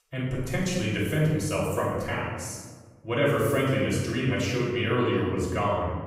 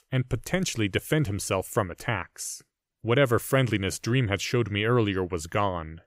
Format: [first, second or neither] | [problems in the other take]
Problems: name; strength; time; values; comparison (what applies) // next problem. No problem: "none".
second | off-mic speech; far // room echo; noticeable; dies away in 1.3 s